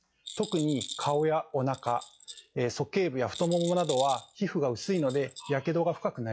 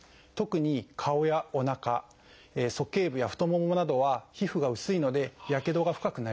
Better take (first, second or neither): second